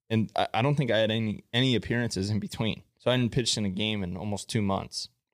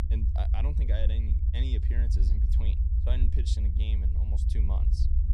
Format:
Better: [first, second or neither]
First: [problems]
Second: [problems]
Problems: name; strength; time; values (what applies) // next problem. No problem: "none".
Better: first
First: none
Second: low rumble; loud; throughout; 2 dB below the speech